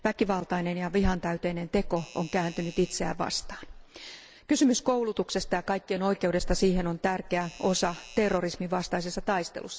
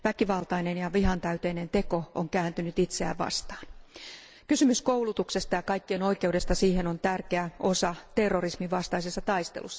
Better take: second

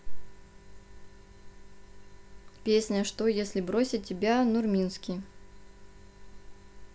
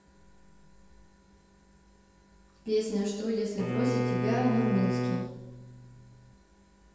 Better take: first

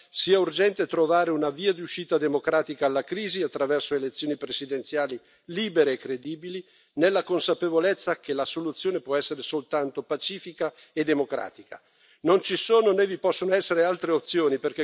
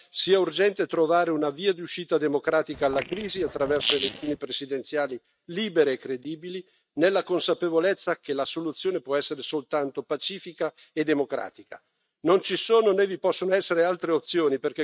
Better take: first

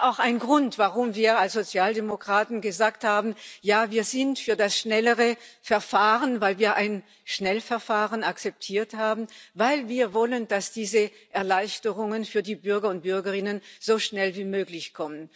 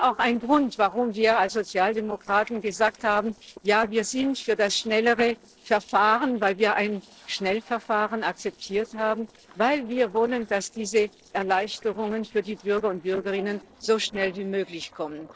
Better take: first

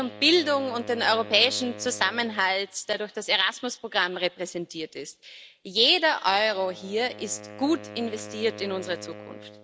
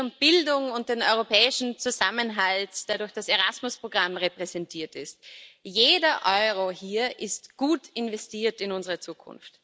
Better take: second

